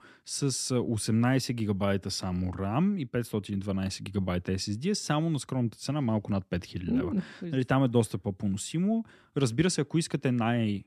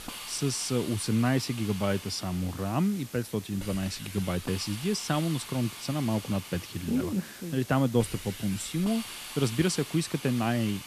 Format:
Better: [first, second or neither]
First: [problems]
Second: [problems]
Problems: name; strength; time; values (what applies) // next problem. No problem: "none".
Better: first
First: none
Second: hiss; noticeable; throughout; 10 dB below the speech